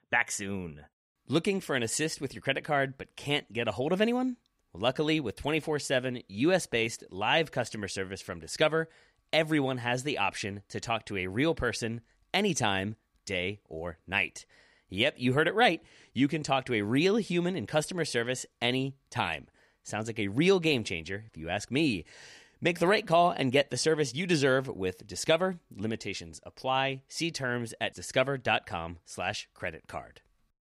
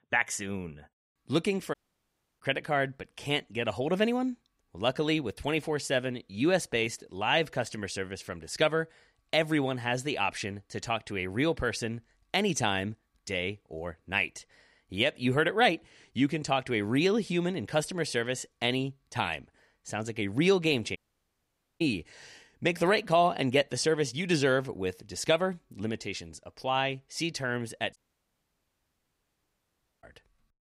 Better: first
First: none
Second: audio cutting out; at 1.5 s for 0.5 s, at 21 s for 1 s and at 28 s for 2 s

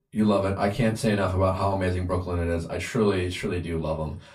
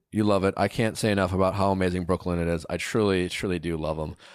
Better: second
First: off-mic speech; far // room echo; very slight; dies away in 0.2 s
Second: none

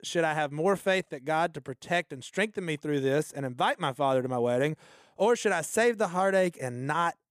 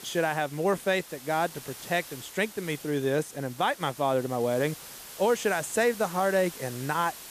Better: first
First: none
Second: hiss; noticeable; throughout; 15 dB below the speech

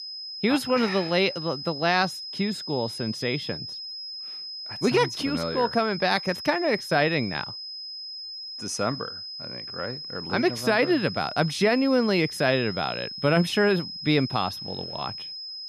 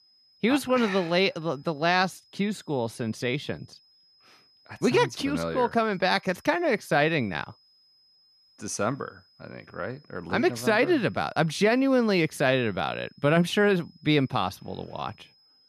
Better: second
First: high-pitched whine; loud; throughout; 5 kHz, 9 dB below the speech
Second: high-pitched whine; faint; throughout; 5 kHz, 35 dB below the speech

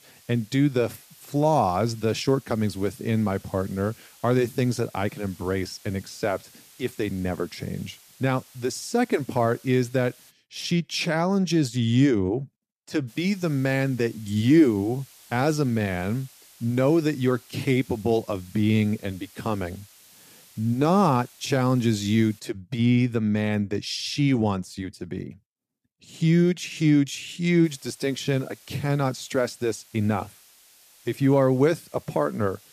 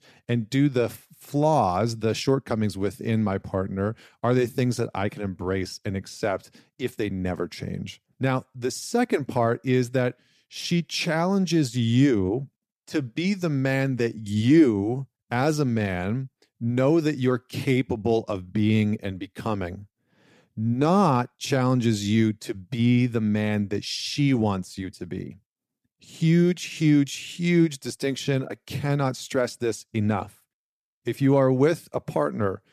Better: second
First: hiss; faint; until 10 s, from 13 to 22 s and from 28 s on; 25 dB below the speech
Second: none

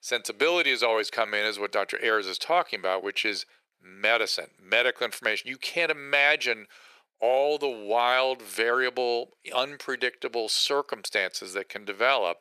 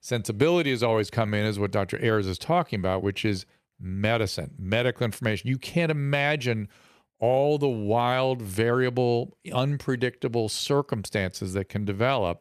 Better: second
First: thin; very; fading below 450 Hz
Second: none

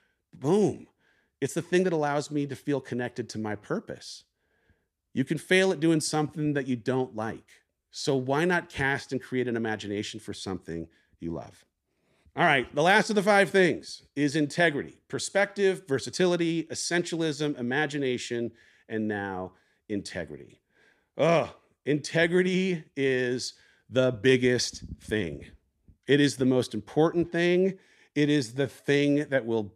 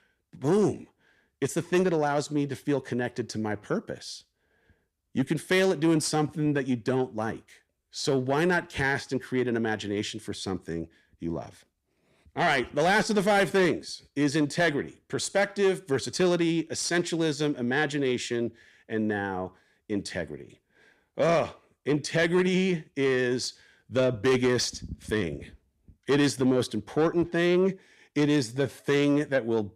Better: first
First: none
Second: distortion; slight; 10 dB below the speech

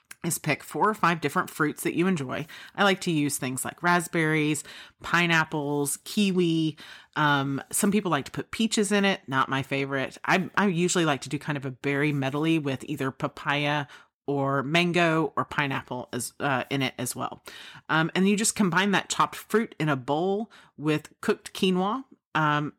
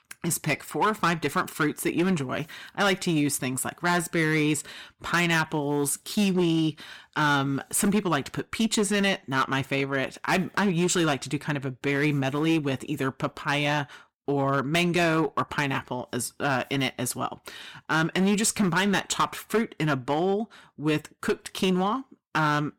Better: first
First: none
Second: distortion; slight; 7% of the sound clipped

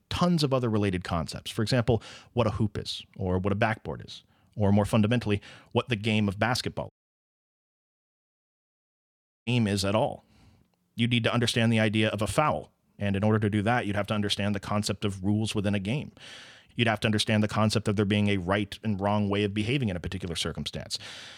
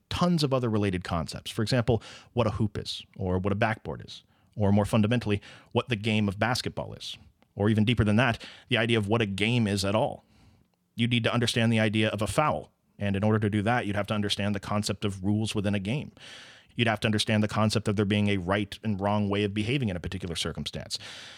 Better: second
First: audio cutting out; at 7 s for 2.5 s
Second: none

